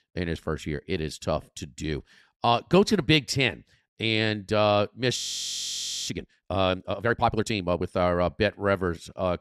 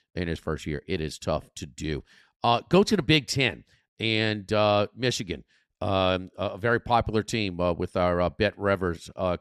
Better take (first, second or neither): second